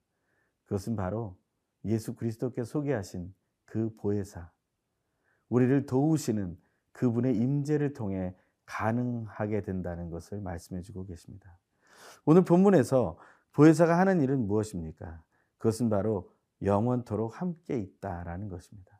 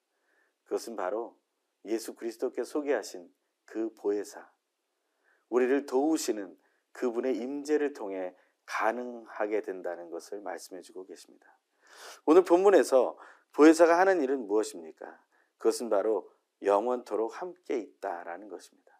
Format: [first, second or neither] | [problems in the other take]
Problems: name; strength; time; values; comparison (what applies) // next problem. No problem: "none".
first | thin; somewhat; fading below 300 Hz